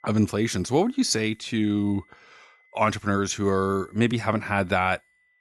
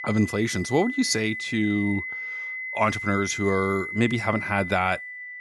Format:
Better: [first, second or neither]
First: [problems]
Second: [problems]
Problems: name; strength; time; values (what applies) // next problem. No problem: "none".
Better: first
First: high-pitched whine; faint; throughout; 2 kHz, 35 dB below the speech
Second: high-pitched whine; loud; throughout; 2 kHz, 6 dB below the speech